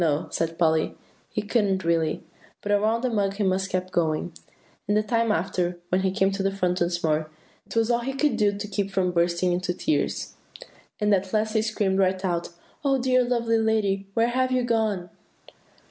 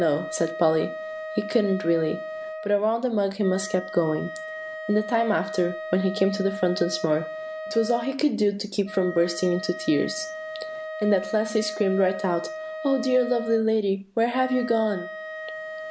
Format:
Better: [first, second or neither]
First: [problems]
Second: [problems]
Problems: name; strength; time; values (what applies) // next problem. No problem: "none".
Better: first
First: none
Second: background sound (Wind instrument, woodwind instrument); 10 dB below the speech